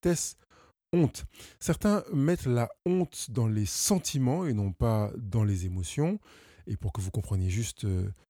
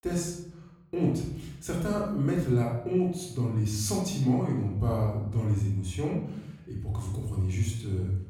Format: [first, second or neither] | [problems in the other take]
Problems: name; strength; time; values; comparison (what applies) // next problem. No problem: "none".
first | room echo; noticeable; dies away in 0.8 s // off-mic speech; far